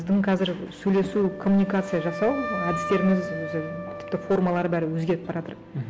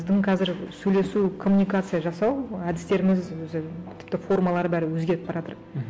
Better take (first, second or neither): second